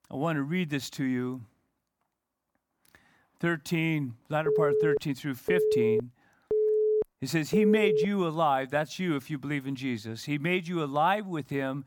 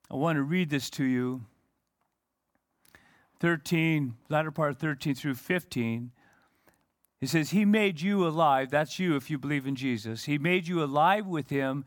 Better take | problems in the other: second | phone ringing; loud; from 4.5 to 8 s; peak 5 dB above the speech

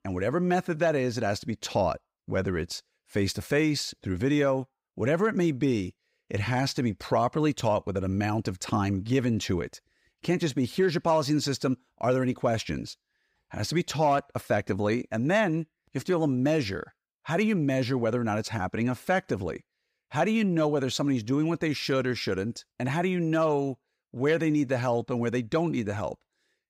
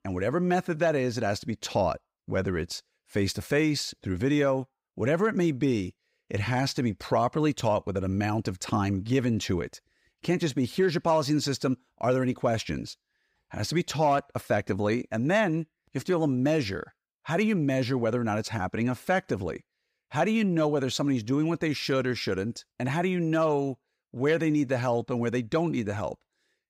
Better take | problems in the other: neither | none

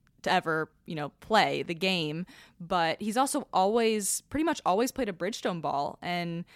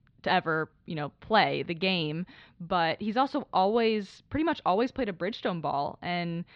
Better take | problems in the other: first | muffled; very slightly; fading above 4 kHz

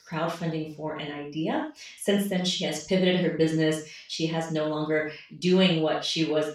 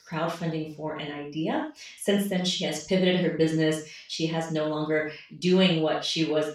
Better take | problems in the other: neither | room echo; noticeable; dies away in 0.3 s; the same in both // off-mic speech; far; the same in both

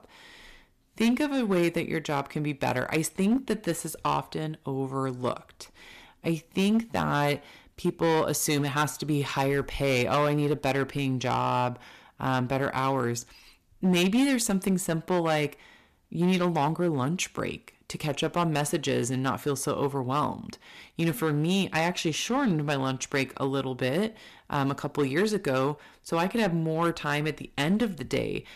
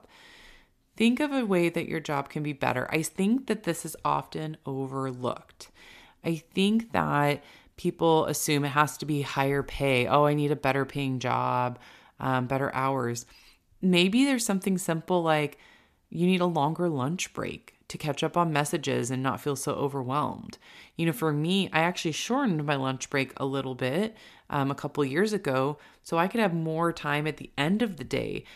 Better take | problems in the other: second | distortion; slight; 6% of the sound clipped

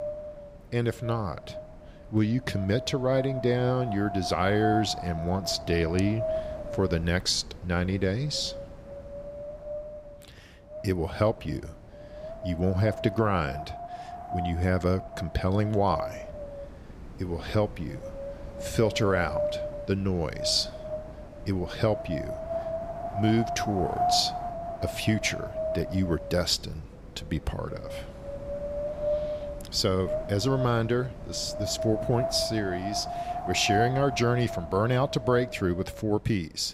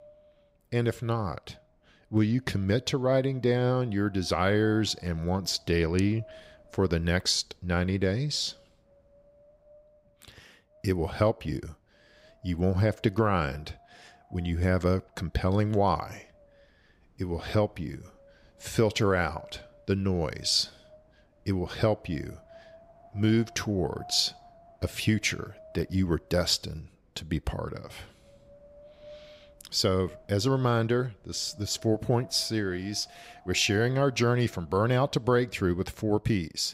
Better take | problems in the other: second | wind noise on the microphone; heavy; 4 dB below the speech; occasional gusts in the second

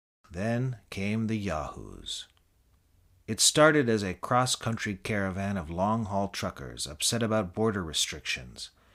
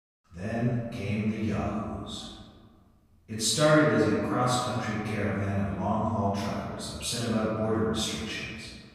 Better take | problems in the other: first | room echo; strong; dies away in 1.8 s // off-mic speech; far

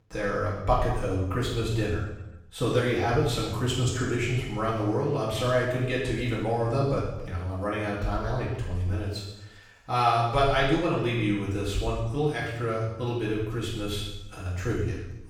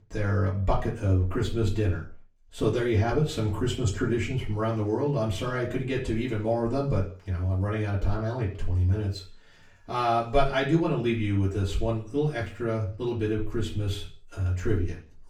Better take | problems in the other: second | room echo; strong; dies away in 0.9 s; slight in the second // off-mic speech; far; far in the second

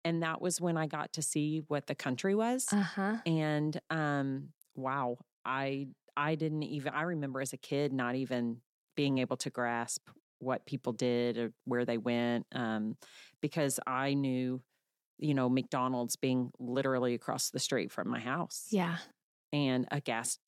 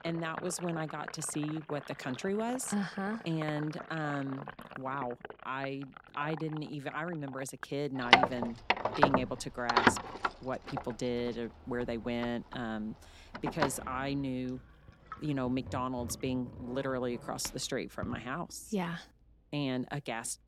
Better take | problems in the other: first | household noises; very loud; throughout; 3 dB above the speech

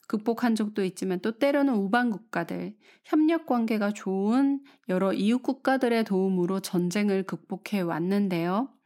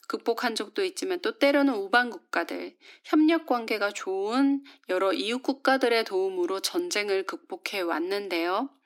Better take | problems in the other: first | thin; very slightly; fading below 300 Hz

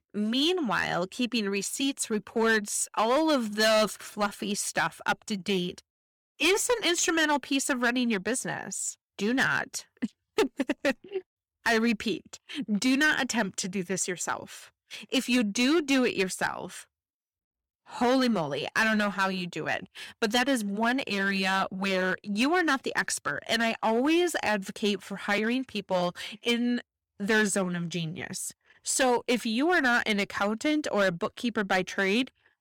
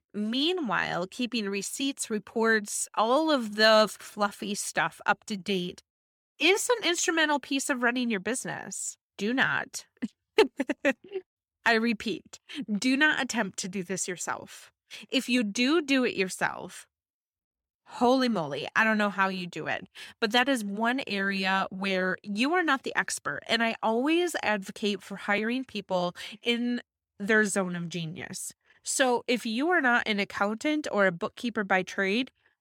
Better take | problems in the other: second | distortion; slight; 5% of the sound clipped

